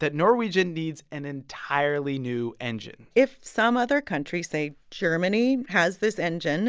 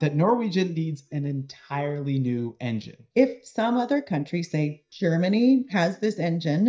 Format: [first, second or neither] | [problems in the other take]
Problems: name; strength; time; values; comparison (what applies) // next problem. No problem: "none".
first | noise reduction (neural mask model DeepFilterNet 3)